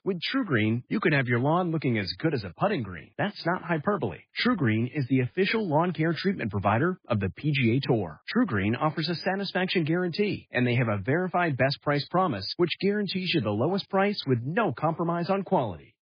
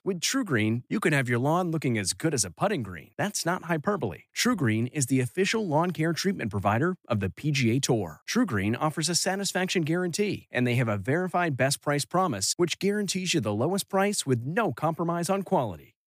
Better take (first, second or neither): second